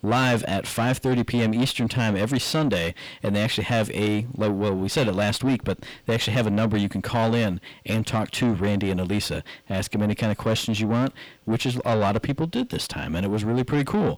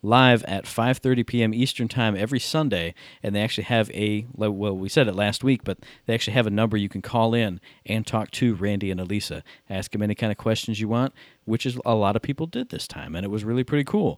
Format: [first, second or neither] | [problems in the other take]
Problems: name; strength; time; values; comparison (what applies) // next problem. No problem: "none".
second | distortion; heavy; 6 dB below the speech